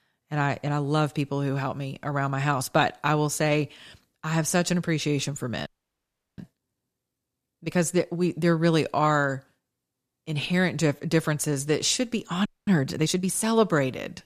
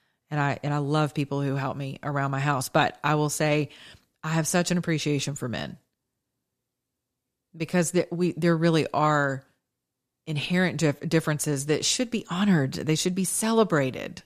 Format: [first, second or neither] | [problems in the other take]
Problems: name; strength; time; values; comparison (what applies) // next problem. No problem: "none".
second | audio freezing; at 5.5 s for 0.5 s and at 12 s